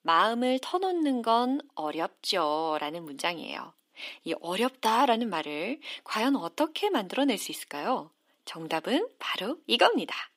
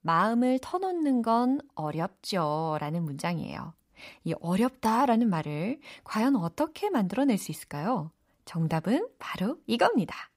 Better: second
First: thin; very slightly; fading below 300 Hz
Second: none

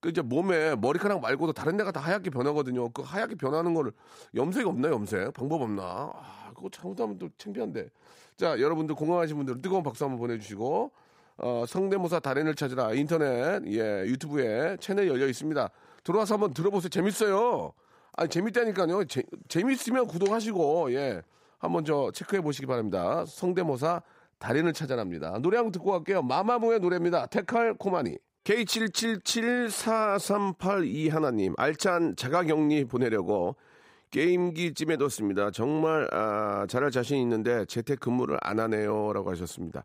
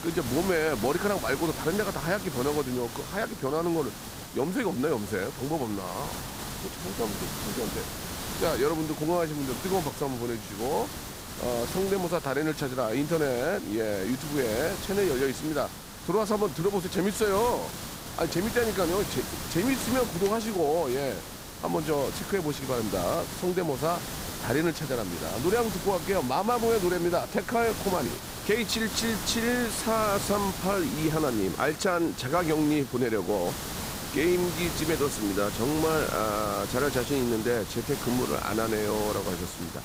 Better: first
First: none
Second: hiss; loud; throughout; 7 dB below the speech

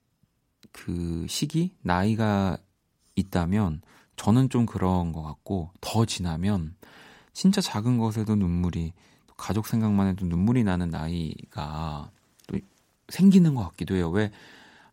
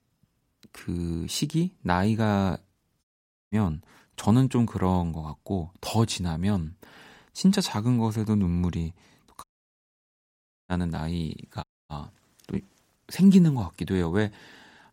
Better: first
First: none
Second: audio cutting out; at 3 s, at 9.5 s for 1.5 s and at 12 s

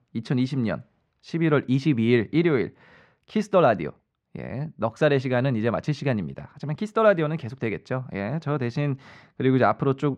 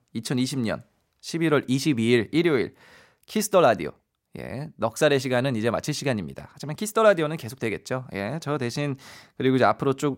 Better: second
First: muffled; slightly; fading above 3 kHz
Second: none

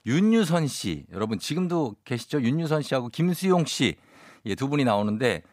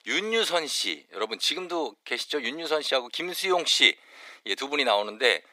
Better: first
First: none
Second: thin; very; fading below 400 Hz

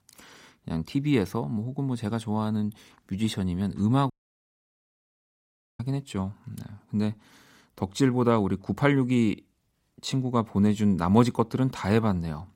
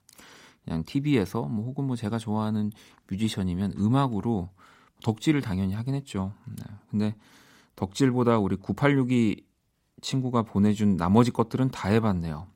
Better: second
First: audio cutting out; at 4 s for 1.5 s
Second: none

